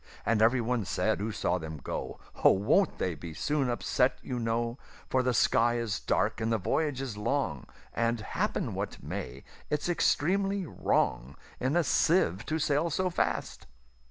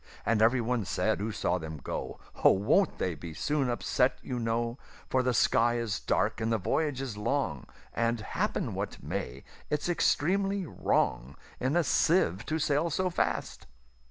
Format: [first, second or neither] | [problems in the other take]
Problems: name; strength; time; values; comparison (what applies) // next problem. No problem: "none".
first | background sound (Cowbell); 15 dB below the speech